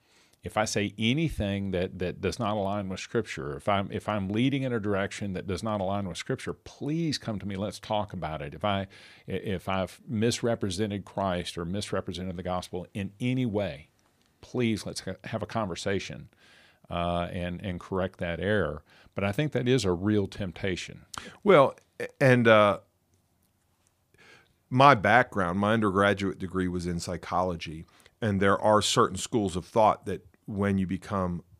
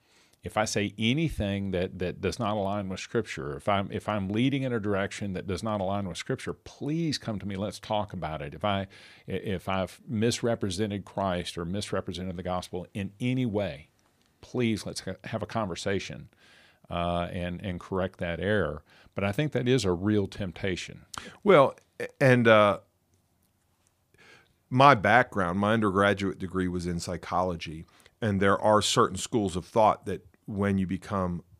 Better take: neither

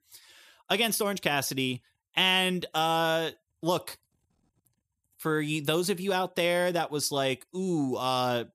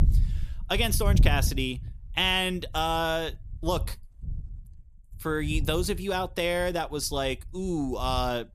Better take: first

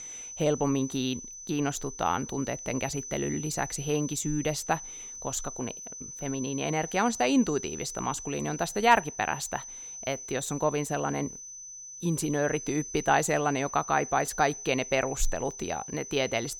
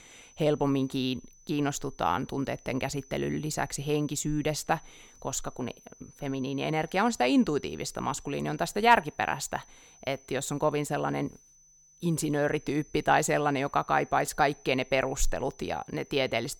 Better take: second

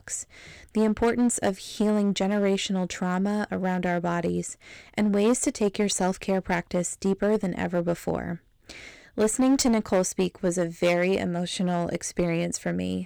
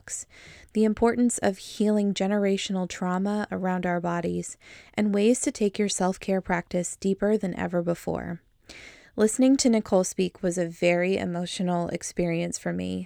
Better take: second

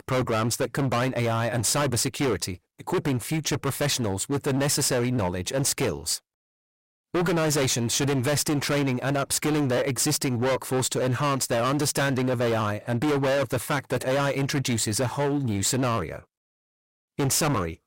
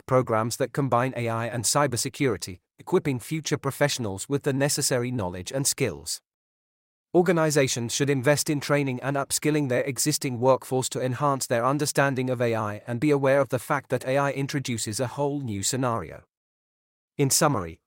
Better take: second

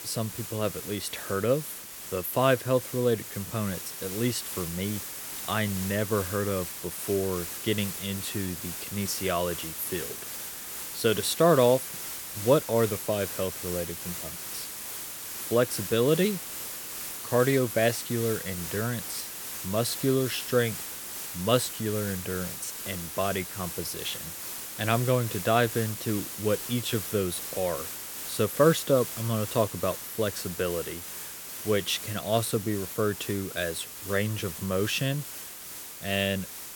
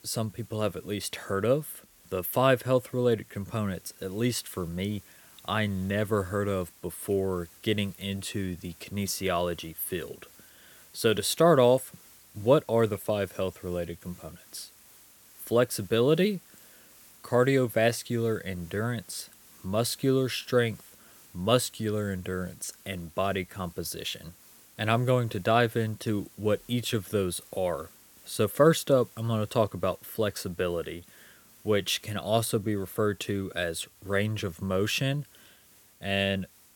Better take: second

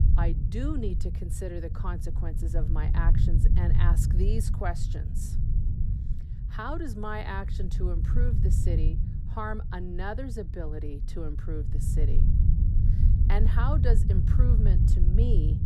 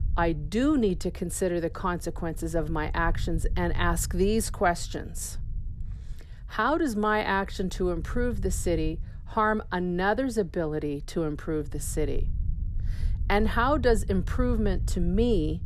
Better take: second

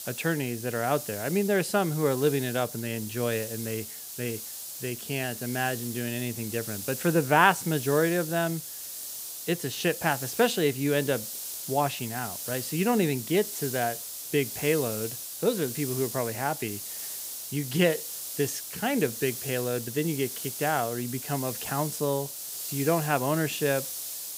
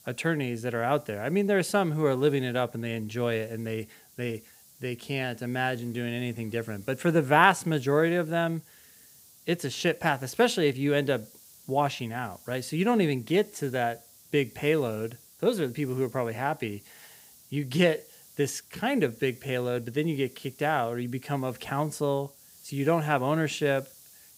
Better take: second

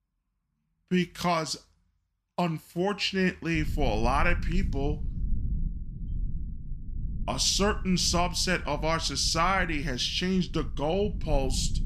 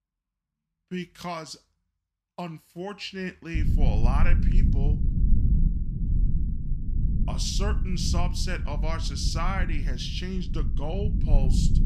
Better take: first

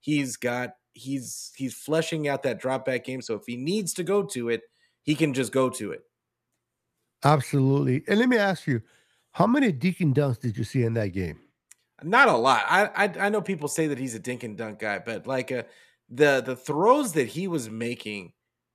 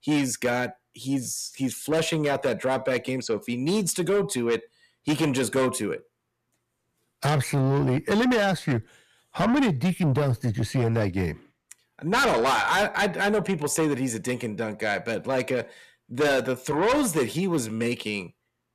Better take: first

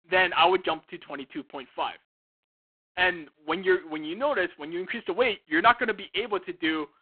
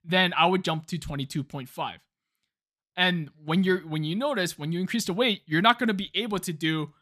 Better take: second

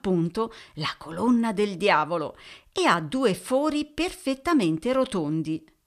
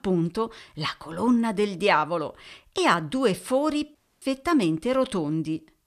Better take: first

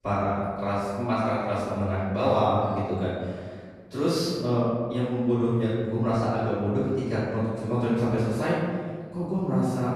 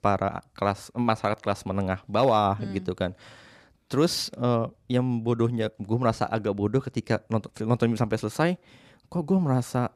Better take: second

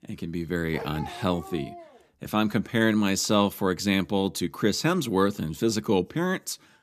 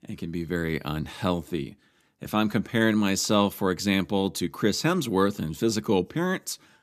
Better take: second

